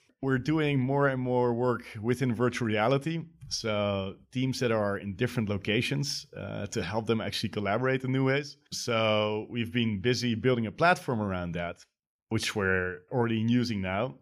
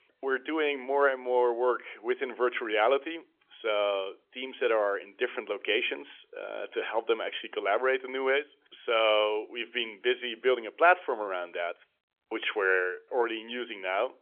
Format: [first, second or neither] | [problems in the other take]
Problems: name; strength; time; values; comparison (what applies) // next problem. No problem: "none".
first | phone-call audio; nothing above 3.5 kHz